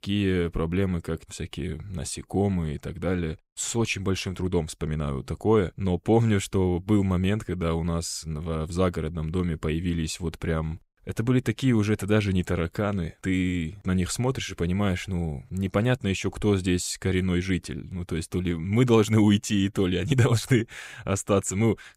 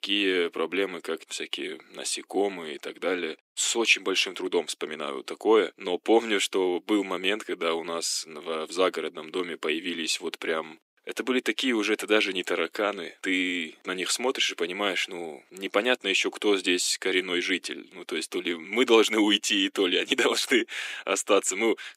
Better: first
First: none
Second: thin; somewhat; fading below 300 Hz

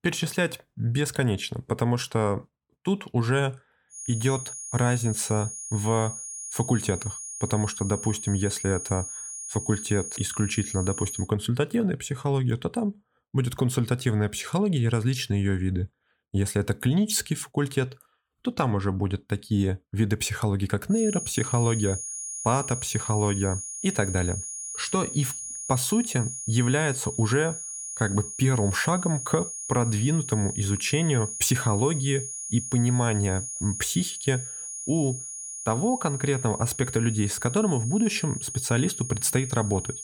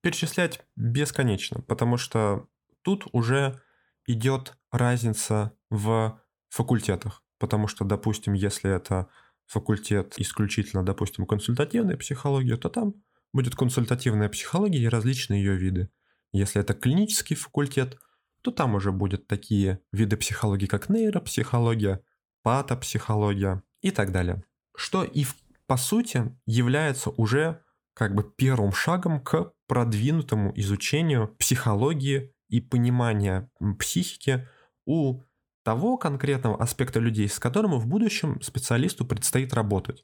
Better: second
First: high-pitched whine; loud; from 4 to 11 s and from 21 s on; 6.5 kHz, 6 dB below the speech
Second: none

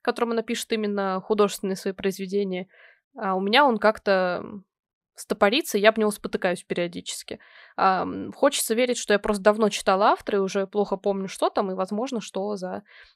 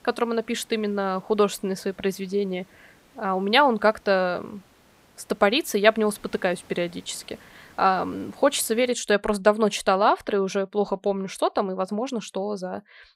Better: first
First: none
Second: hiss; faint; until 9 s; 30 dB below the speech

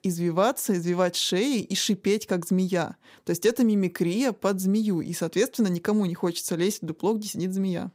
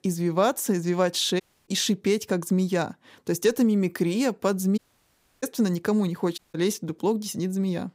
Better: first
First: none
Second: audio cutting out; at 1.5 s, at 5 s for 0.5 s and at 6.5 s

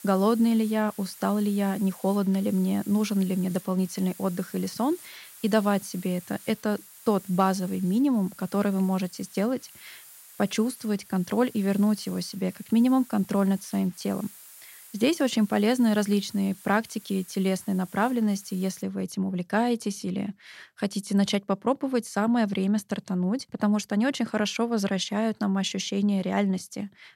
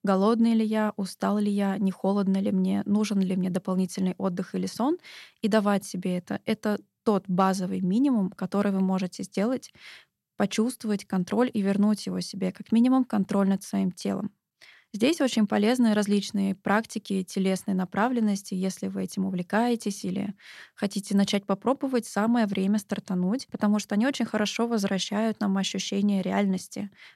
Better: second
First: hiss; noticeable; until 19 s; 20 dB below the speech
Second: none

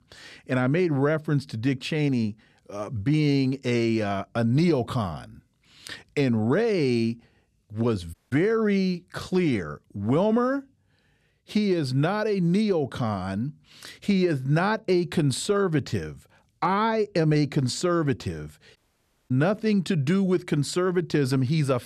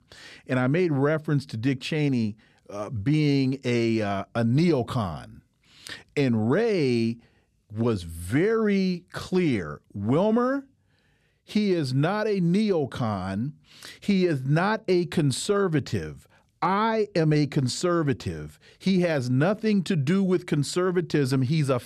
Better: second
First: audio cutting out; at 8 s and at 19 s for 0.5 s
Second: none

